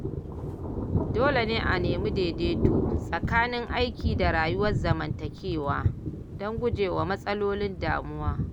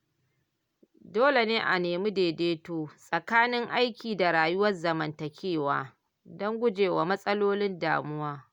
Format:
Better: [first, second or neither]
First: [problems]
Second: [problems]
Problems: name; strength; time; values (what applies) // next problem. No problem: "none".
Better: second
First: background sound (Thunder); as loud as the speech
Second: none